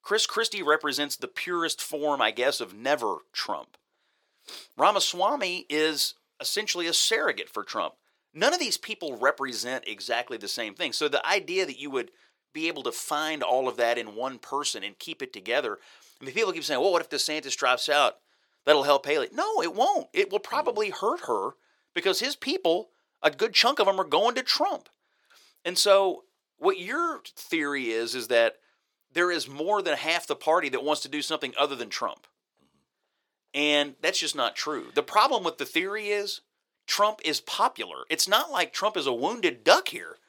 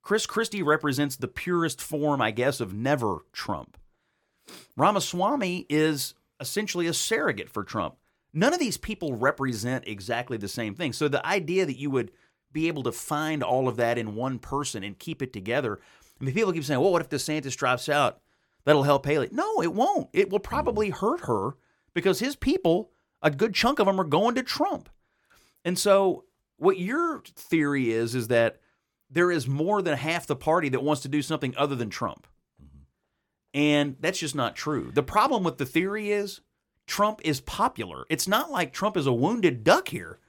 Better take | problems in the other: second | thin; somewhat; fading below 500 Hz

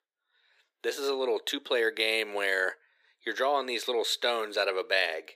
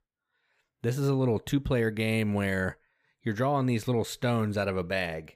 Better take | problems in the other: second | thin; very; fading below 350 Hz

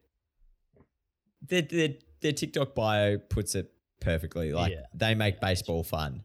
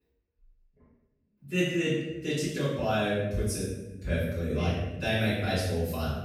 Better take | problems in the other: first | off-mic speech; far // room echo; strong; dies away in 0.9 s

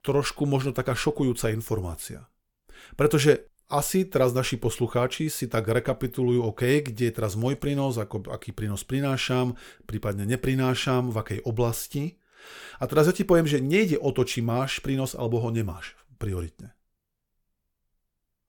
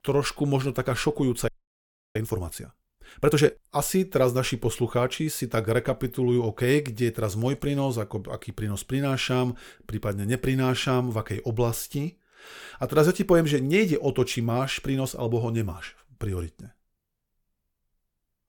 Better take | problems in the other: first | audio freezing; at 1.5 s for 0.5 s

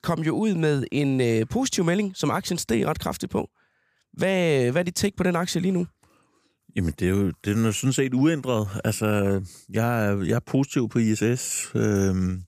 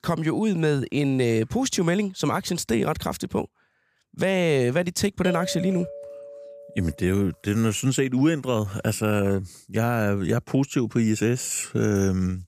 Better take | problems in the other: first | doorbell; noticeable; from 5 to 7 s; peak 8 dB below the speech

